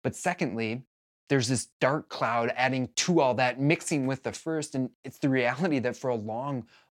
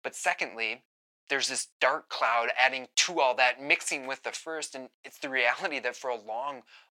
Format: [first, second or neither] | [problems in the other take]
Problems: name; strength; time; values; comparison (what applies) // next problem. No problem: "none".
first | thin; very; fading below 750 Hz